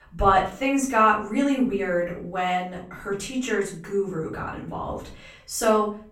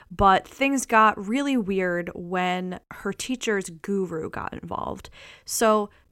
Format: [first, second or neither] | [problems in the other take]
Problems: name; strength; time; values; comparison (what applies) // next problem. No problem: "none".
second | room echo; slight; dies away in 0.4 s // off-mic speech; far